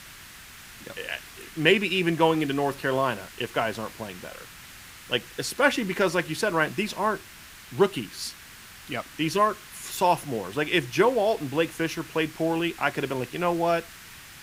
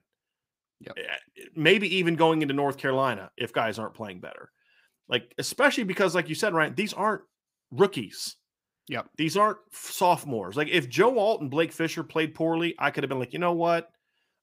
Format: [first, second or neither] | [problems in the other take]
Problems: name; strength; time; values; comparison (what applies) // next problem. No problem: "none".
second | hiss; noticeable; throughout; 15 dB below the speech